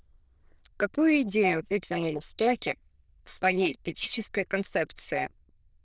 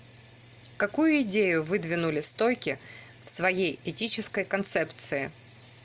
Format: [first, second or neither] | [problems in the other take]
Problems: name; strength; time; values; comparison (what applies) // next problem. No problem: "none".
second | noise reduction (neural diffusion model UNIVERSE++)